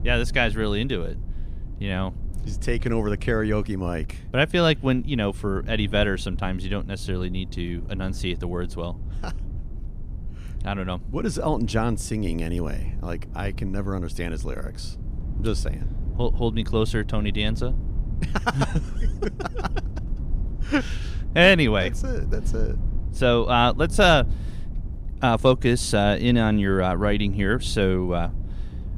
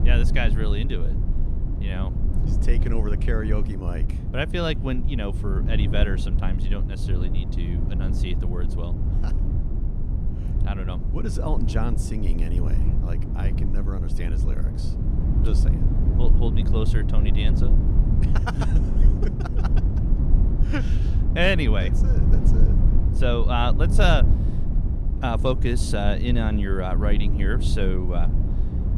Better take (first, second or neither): first